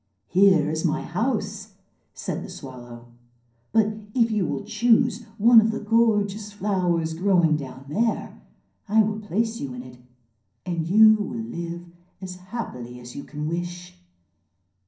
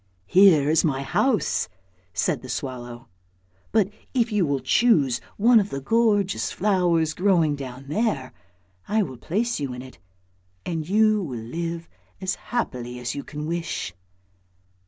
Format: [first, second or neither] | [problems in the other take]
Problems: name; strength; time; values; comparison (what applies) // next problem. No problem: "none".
second | room echo; dies away in 0.6 s